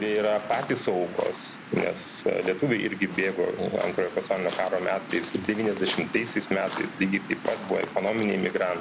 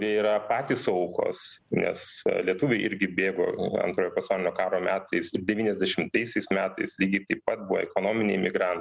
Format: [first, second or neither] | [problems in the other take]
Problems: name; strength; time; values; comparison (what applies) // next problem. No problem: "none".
second | background sound (Waves, surf); 12 dB below the speech